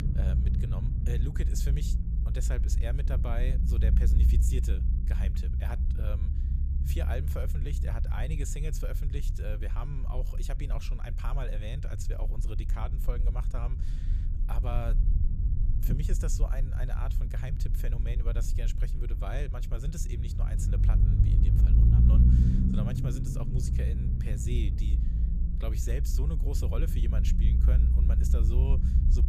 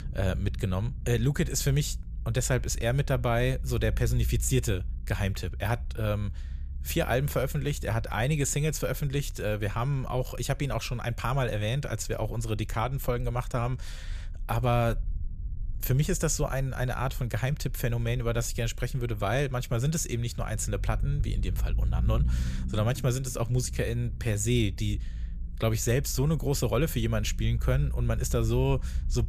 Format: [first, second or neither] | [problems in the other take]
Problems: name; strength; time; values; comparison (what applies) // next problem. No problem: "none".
second | low rumble; loud; throughout; 2 dB below the speech; faint in the second